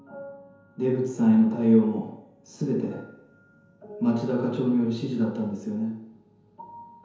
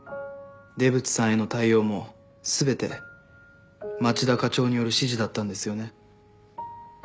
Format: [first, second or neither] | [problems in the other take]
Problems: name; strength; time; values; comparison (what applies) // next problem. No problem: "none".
second | room echo; dies away in 0.9 s